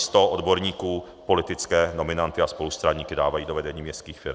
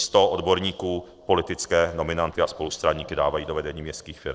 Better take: first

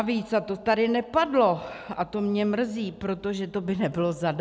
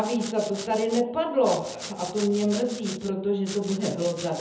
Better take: first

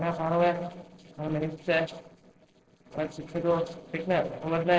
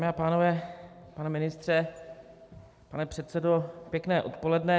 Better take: second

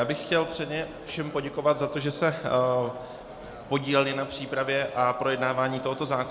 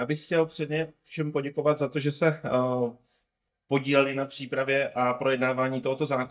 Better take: first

